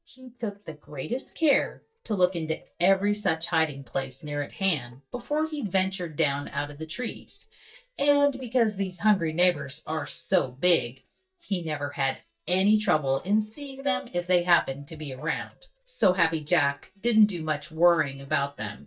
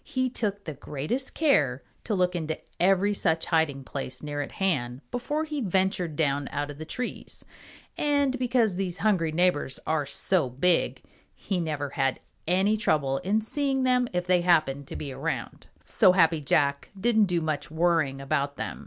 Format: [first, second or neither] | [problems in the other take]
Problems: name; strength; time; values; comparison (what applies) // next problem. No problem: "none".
second | noise reduction (neural mask model DeepFilterNet 3)